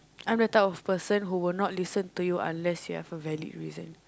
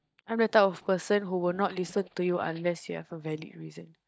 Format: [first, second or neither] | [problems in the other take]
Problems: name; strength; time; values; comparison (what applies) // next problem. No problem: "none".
first | noise reduction (neural mask model DeepFilterNet 3)